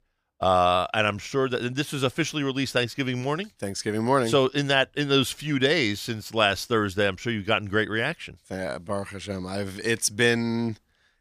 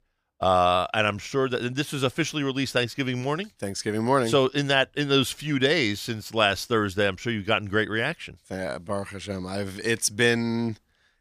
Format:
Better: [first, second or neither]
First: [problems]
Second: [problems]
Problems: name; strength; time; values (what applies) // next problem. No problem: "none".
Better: neither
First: none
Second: none